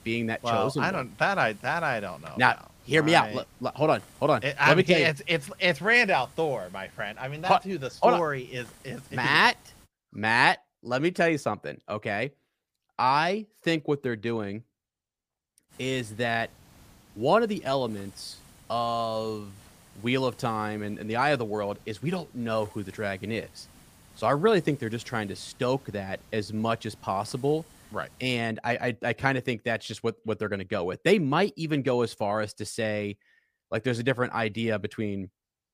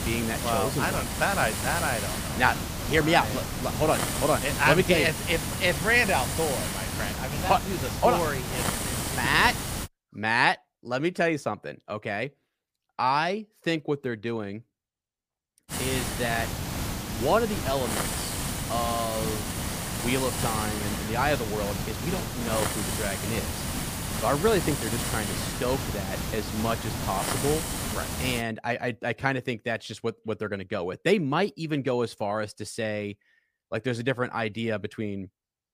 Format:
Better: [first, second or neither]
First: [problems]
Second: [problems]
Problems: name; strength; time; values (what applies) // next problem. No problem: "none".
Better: first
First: hiss; faint; until 10 s and from 16 to 28 s; 25 dB below the speech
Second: hiss; loud; until 10 s and from 16 to 28 s; 3 dB below the speech